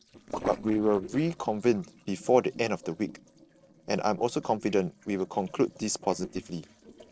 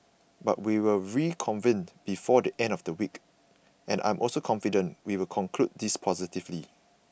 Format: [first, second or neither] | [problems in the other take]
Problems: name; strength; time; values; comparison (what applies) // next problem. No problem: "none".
second | noise reduction (neural separator model SepFormer DNS4)